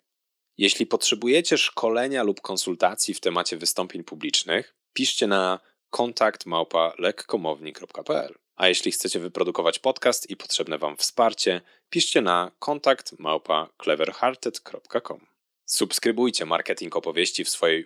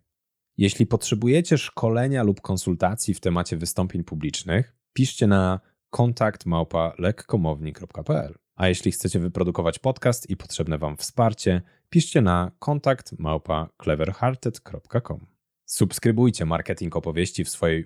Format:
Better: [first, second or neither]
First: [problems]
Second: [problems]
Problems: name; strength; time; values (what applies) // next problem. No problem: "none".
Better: second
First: thin; somewhat; fading below 300 Hz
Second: none